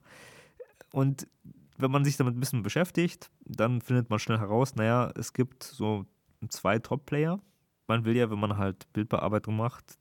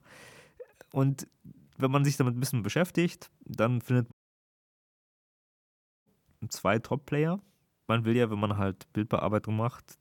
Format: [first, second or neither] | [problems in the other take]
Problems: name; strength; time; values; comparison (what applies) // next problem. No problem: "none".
first | audio cutting out; at 4 s for 2 s